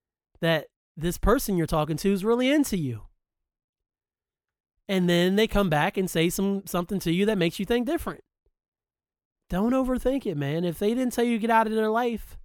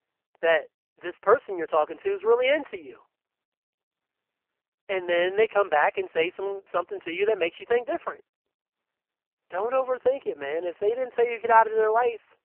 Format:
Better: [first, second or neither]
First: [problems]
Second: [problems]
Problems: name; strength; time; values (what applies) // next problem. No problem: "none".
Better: first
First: none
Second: phone-call audio; poor line; nothing above 3 kHz